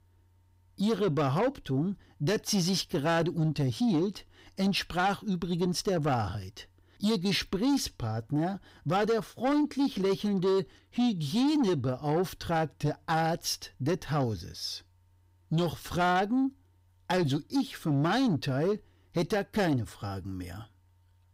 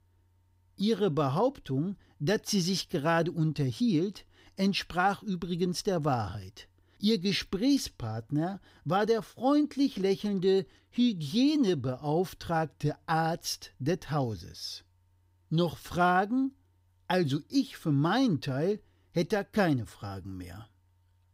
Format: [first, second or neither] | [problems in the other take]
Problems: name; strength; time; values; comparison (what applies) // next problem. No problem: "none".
second | distortion; slight; 10 dB below the speech